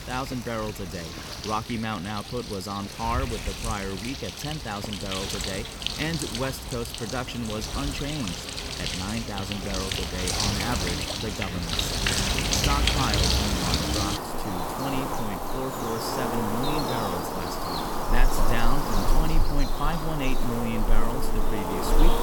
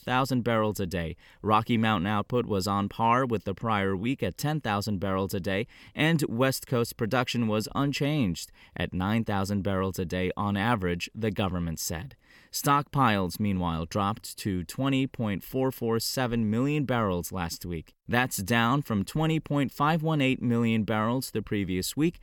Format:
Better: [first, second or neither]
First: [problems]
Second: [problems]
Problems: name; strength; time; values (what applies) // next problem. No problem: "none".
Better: second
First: animal sounds; very loud; throughout; 4 dB above the speech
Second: none